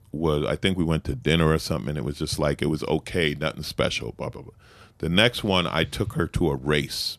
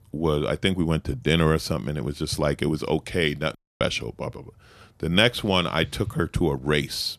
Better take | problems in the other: first | audio cutting out; at 3.5 s

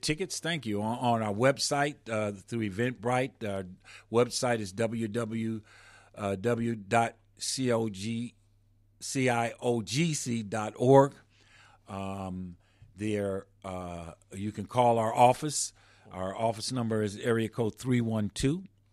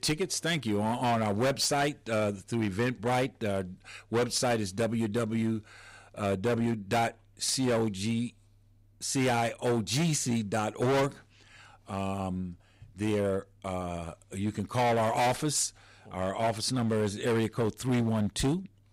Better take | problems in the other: first | distortion; heavy; 11% of the sound clipped

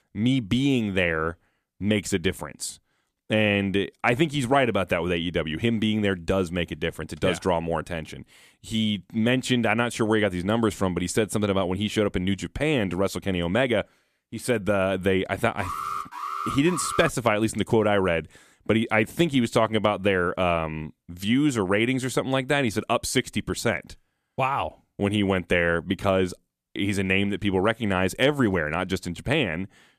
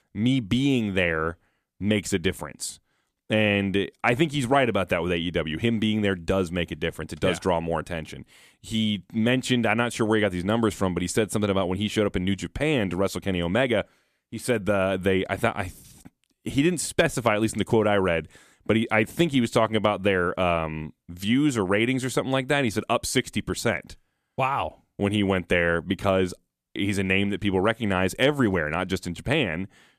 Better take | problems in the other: second | alarm; noticeable; from 16 to 17 s; peak 6 dB below the speech

